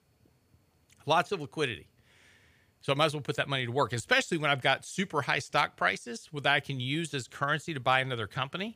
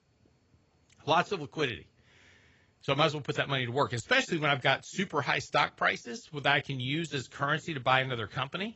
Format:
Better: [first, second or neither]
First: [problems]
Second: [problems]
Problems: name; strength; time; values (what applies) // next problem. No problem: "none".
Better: first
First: none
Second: garbled, watery; badly; nothing above 8 kHz